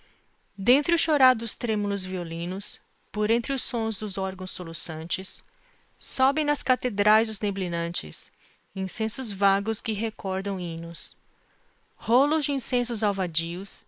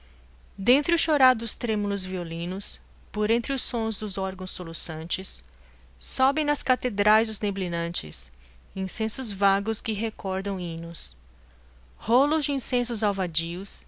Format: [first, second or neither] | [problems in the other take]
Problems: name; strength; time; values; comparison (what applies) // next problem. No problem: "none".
second | noise reduction (neural mask model Resemble Enhance denoiser)